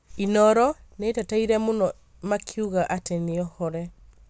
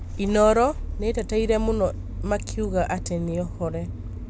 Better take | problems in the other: first | background sound (Engine starting / Motor vehicle (road)); 7 dB below the speech

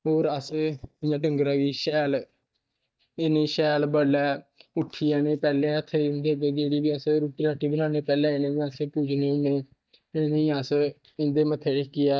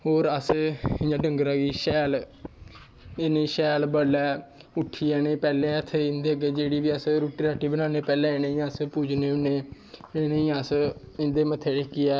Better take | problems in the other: second | noise reduction (neural mask model DeepFilterNet 3)

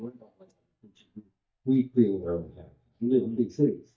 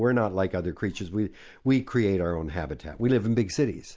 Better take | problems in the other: second | noise reduction (neural mask model DeepFilterNet 3)

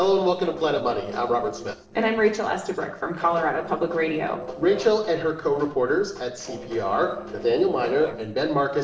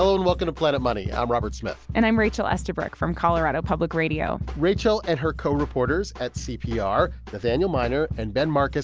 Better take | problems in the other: second | noise reduction (neural separator model SepFormer DNS4)

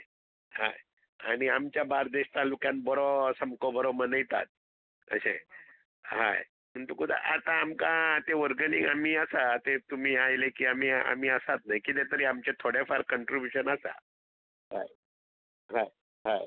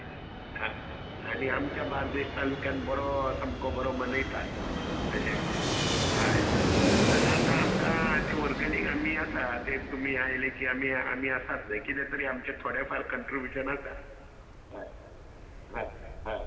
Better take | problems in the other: first | background sound (Fixed-wing aircraft, airplane); 1 dB above the speech // room echo; dies away in 2.3 s

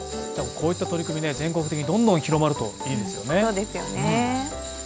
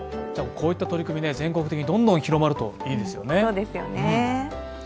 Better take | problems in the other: second | background sound (Tools); 13 dB below the speech

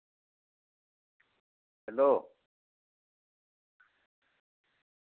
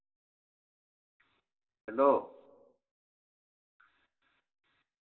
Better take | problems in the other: first | room echo; dies away in 0.4 s

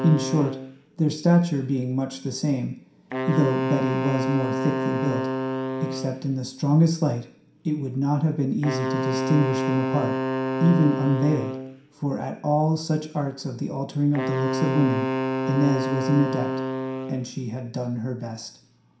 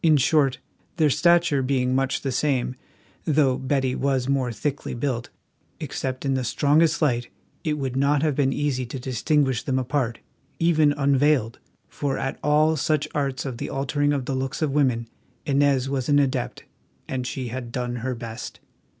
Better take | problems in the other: second | background sound (Wind instrument, woodwind instrument); 4 dB below the speech // room echo; dies away in 0.5 s

